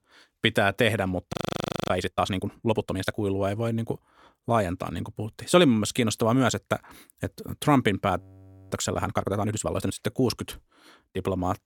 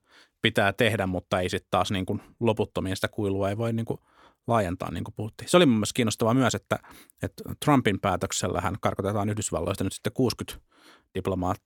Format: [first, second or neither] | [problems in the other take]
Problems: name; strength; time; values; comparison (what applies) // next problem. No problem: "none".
second | audio freezing; at 1.5 s for 0.5 s and at 8 s for 0.5 s